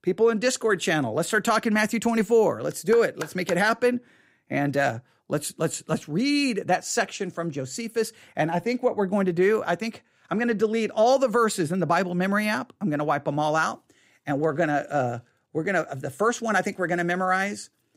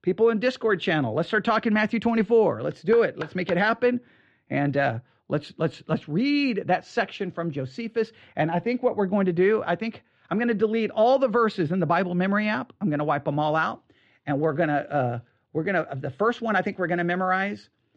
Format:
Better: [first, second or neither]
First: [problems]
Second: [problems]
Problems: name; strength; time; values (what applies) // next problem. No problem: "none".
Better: first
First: none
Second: muffled; slightly; fading above 3.5 kHz